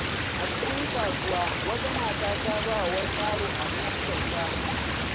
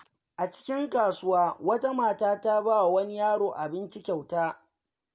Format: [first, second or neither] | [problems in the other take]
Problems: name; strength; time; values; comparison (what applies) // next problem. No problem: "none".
second | background sound (Stream); 4 dB above the speech